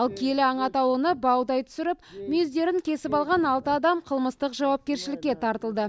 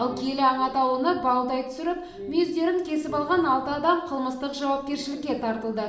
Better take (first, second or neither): first